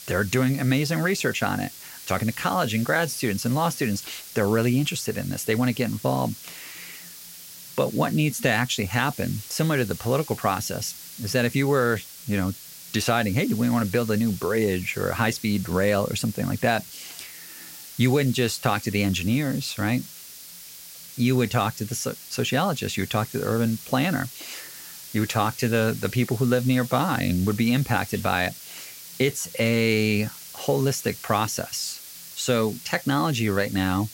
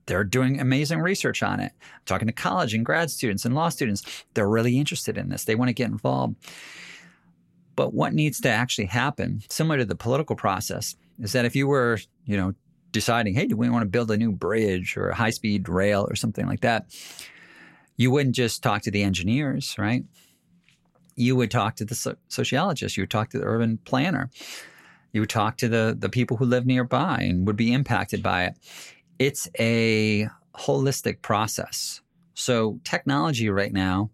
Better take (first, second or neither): second